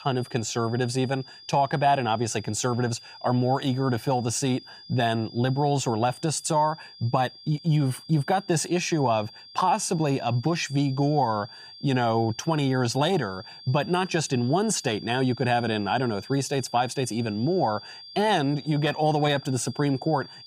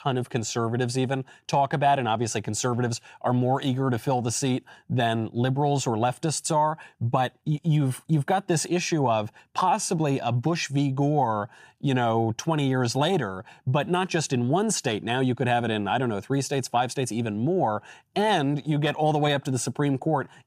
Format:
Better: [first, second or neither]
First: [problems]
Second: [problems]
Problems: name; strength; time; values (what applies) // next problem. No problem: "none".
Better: second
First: high-pitched whine; noticeable; throughout; 4.5 kHz, 20 dB below the speech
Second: none